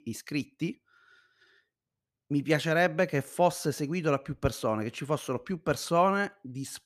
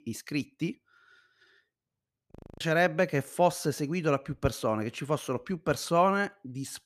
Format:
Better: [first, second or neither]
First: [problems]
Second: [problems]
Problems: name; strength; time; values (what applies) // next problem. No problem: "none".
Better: first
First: none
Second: audio freezing; at 2.5 s